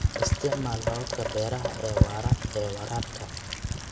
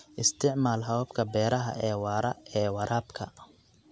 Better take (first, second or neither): second